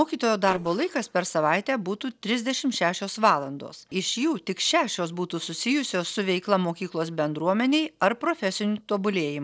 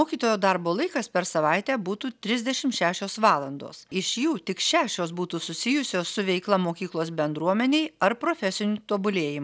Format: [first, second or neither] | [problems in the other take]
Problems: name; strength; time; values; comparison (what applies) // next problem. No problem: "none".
second | noise reduction (neural separator model SepFormer DNS4)